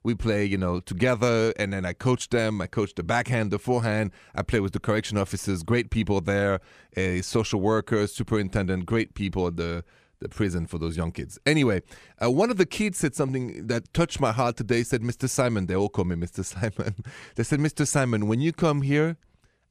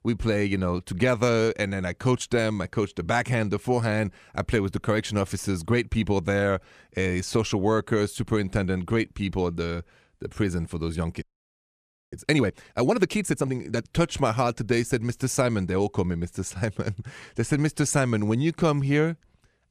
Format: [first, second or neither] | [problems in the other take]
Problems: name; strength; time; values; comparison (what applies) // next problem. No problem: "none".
first | audio freezing; at 11 s for 1 s